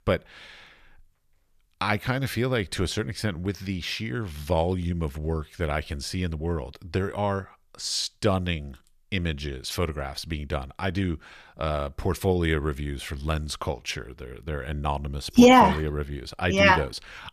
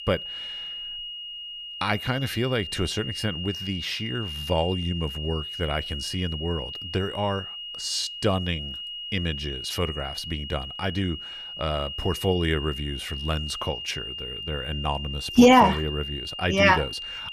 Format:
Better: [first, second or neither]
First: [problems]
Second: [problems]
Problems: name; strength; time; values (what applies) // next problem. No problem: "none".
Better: first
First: none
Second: high-pitched whine; loud; throughout; 3 kHz, 7 dB below the speech